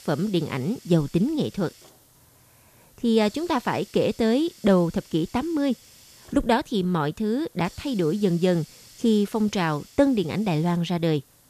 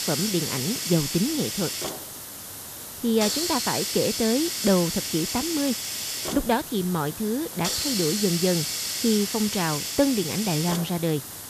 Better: first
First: hiss; faint; throughout; 25 dB below the speech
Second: hiss; loud; throughout; 2 dB below the speech

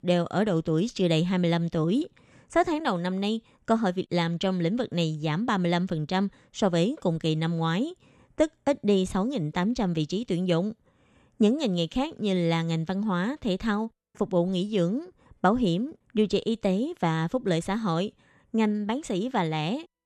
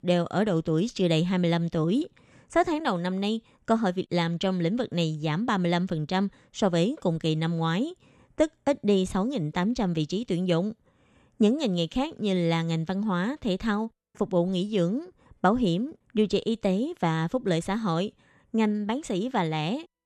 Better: neither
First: none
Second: none

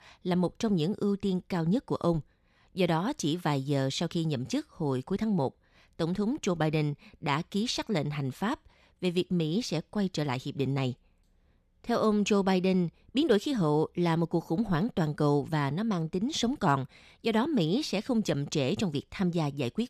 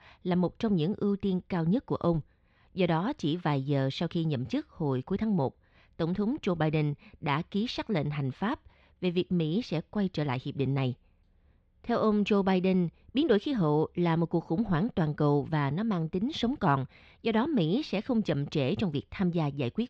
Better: first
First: none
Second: muffled; slightly; fading above 3.5 kHz

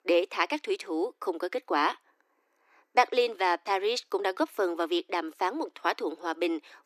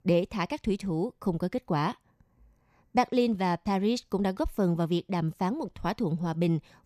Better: second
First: thin; very; fading below 300 Hz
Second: none

